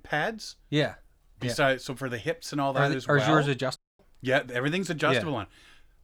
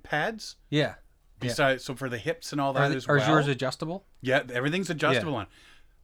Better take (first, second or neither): second